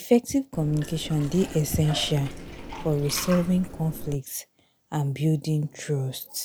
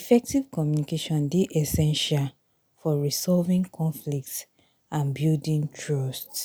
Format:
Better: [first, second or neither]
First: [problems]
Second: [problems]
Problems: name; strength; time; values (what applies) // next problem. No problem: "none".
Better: second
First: background sound (Liquid); 11 dB below the speech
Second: none